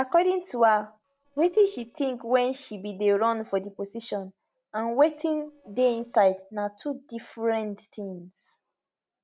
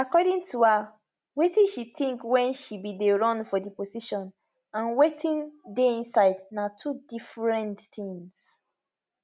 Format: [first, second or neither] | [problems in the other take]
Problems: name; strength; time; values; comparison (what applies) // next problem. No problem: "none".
second | noise reduction (neural separator model SepFormer DNS4)